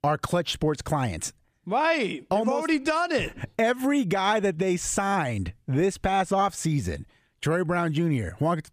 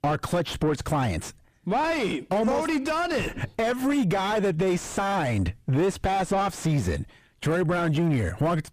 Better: first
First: none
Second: distortion; heavy; 7 dB below the speech

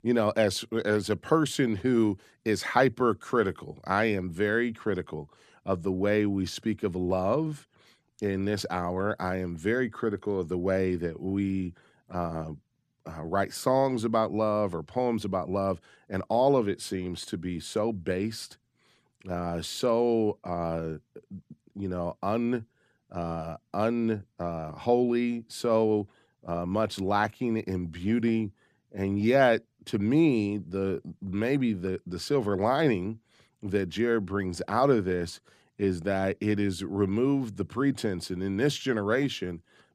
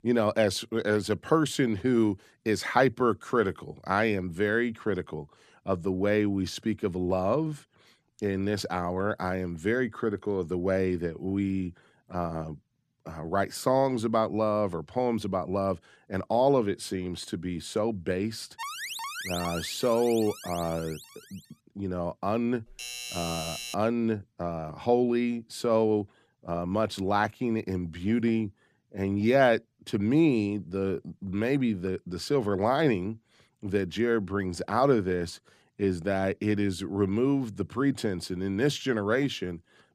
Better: first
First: none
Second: alarm; noticeable; from 19 to 21 s; peak 6 dB below the speech // doorbell; noticeable; from 23 to 24 s; peak 6 dB below the speech

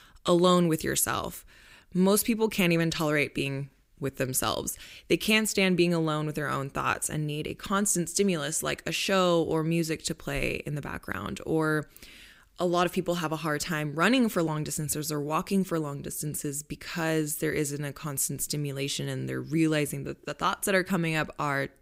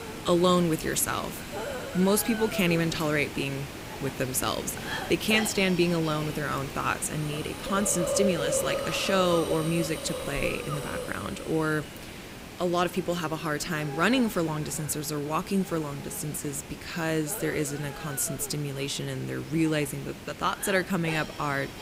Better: first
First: none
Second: hiss; loud; throughout; 8 dB below the speech

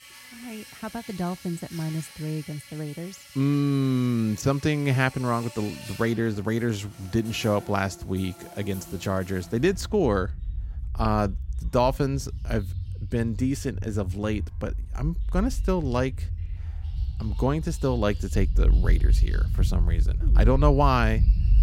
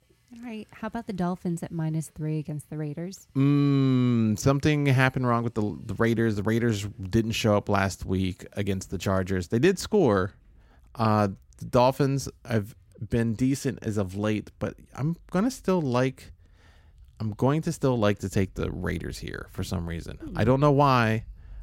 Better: second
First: animal sounds; loud; throughout; 2 dB below the speech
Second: animal sounds; faint; throughout; 30 dB below the speech

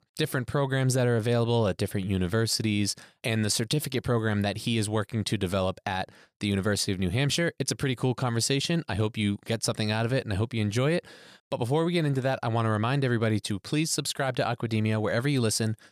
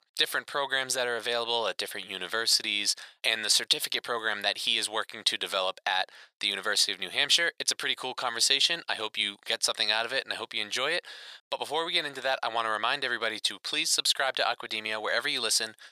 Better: first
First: none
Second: thin; very; fading below 800 Hz

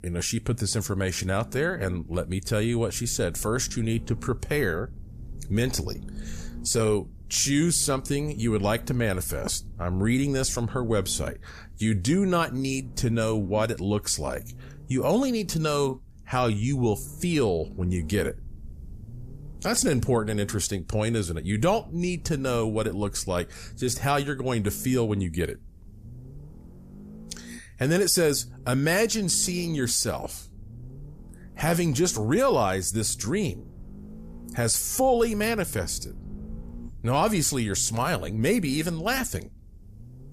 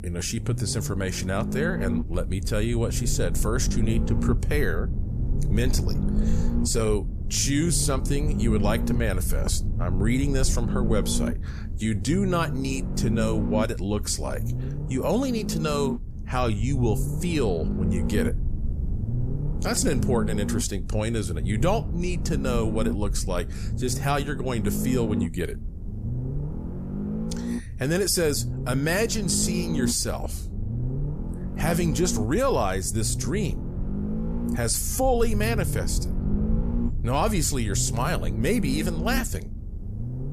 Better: first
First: low rumble; faint; throughout; 25 dB below the speech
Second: low rumble; loud; throughout; 10 dB below the speech

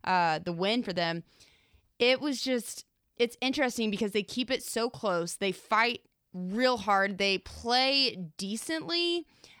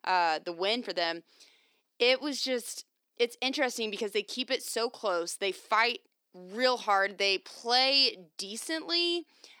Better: first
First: none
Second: thin; very slightly; fading below 300 Hz

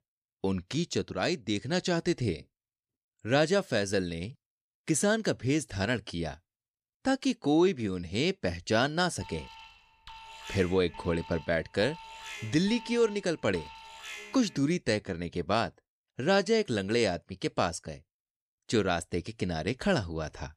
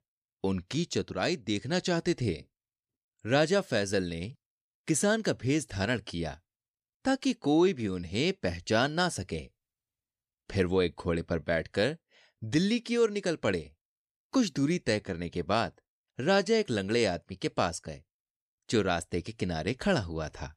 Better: second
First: alarm; faint; from 9 to 15 s; peak 10 dB below the speech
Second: none

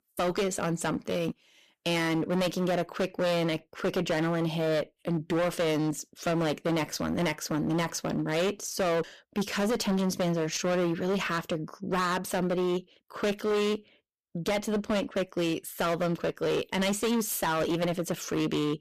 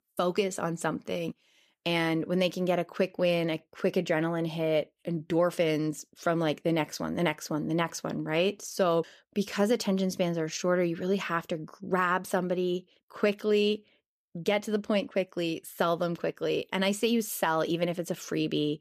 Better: second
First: distortion; heavy; 22% of the sound clipped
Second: none

